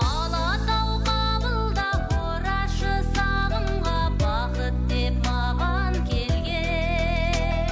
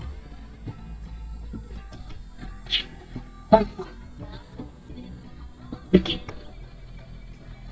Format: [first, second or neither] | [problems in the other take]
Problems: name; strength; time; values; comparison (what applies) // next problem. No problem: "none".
first | noise reduction (neural mask model DeepFilterNet 3)